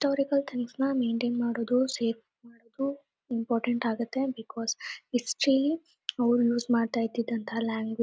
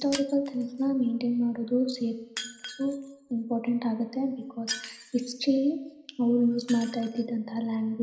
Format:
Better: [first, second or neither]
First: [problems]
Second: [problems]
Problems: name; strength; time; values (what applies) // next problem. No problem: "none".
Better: first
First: none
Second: background sound (Shatter); 17 dB below the speech // room echo; dies away in 0.9 s